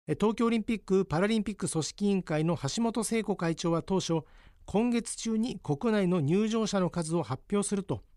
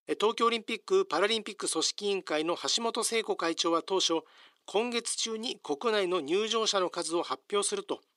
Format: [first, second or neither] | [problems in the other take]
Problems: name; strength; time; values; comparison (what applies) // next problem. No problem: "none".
first | thin; very; fading below 350 Hz